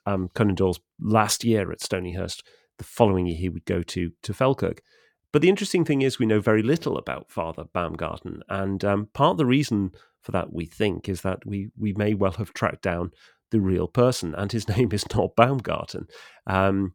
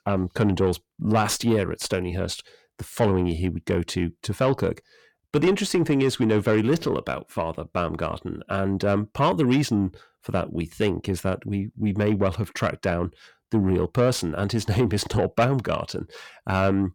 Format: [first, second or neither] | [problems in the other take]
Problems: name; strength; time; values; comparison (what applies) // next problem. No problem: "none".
first | distortion; slight; 10 dB below the speech